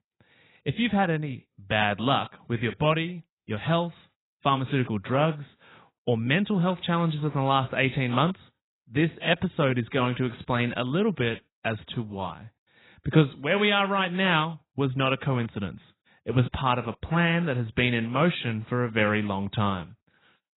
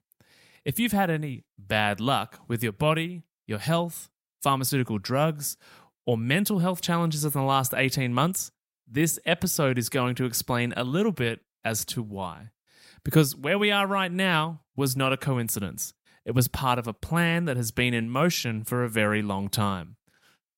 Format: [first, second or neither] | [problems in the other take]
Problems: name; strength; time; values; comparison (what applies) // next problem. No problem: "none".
second | garbled, watery; badly; nothing above 4 kHz